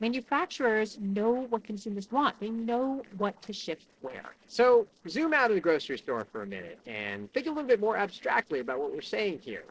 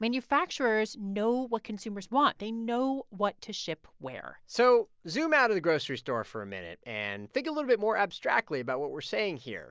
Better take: second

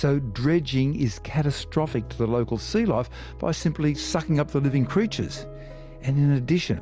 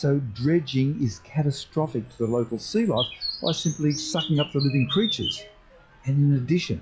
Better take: first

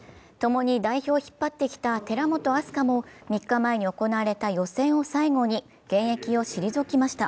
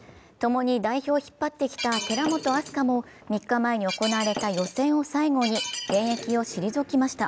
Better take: first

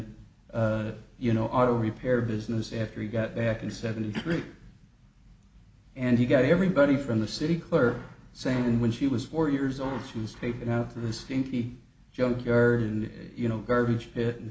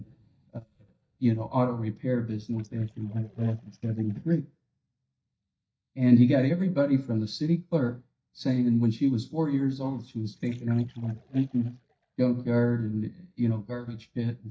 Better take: first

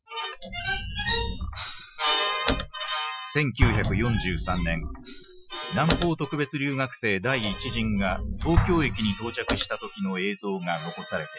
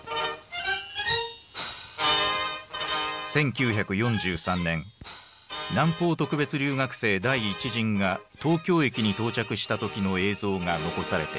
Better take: second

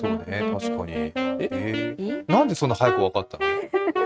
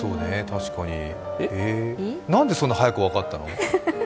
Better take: second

